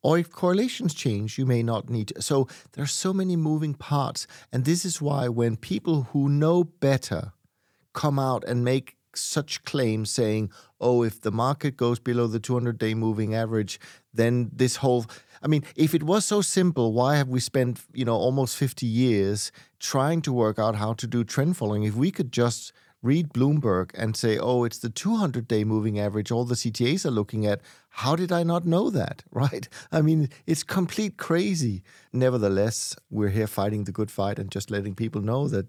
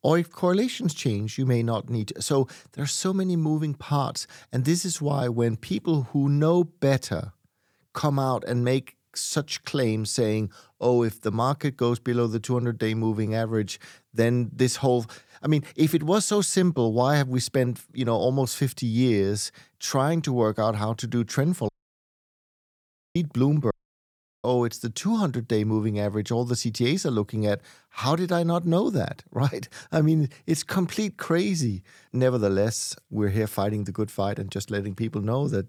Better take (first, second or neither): first